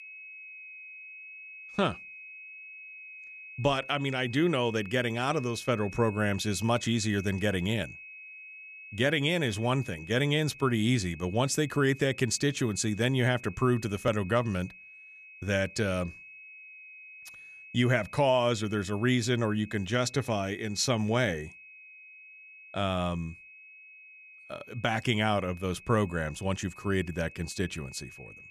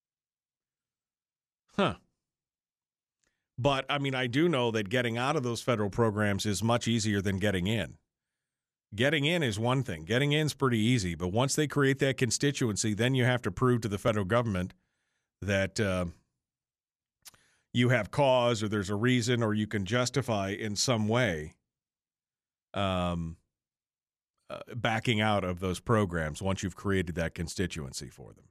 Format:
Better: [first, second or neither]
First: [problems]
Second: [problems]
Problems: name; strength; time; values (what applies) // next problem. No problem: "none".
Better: second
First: high-pitched whine; noticeable; throughout; 2.5 kHz, 15 dB below the speech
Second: none